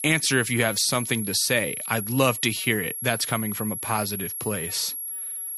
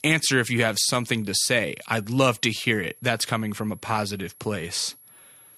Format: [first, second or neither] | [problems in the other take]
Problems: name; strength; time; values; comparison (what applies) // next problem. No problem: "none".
second | high-pitched whine; loud; throughout; 11 kHz, 5 dB below the speech; faint in the second